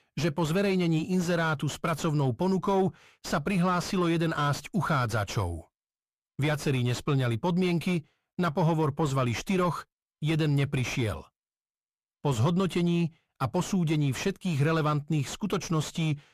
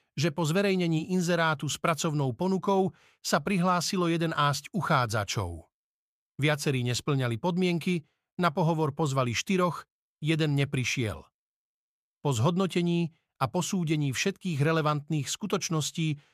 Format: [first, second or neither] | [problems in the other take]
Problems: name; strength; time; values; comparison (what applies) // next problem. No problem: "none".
second | distortion; slight; 9 dB below the speech